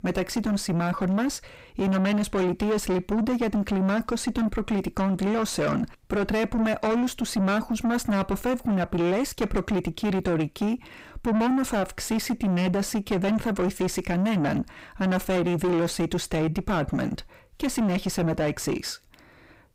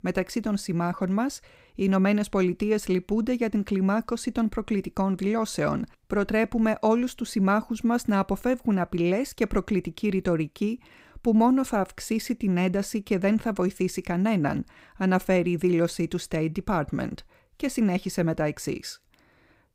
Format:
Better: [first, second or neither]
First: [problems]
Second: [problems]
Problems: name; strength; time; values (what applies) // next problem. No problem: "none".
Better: second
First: distortion; heavy; 6 dB below the speech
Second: none